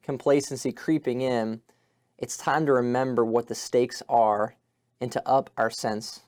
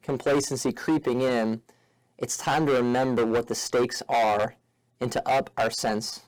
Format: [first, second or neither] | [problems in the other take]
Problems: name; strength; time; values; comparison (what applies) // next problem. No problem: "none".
first | distortion; heavy; 13% of the sound clipped